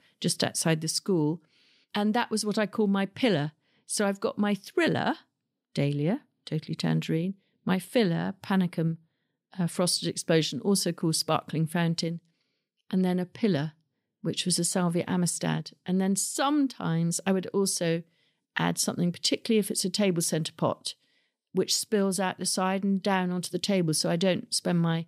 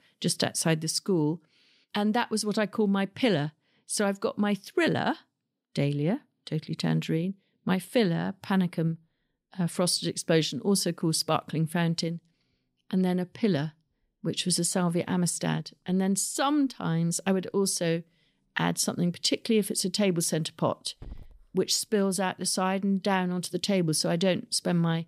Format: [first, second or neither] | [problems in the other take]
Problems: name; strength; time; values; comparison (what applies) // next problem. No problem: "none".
first | hiss; faint; from 8.5 s on; 25 dB below the speech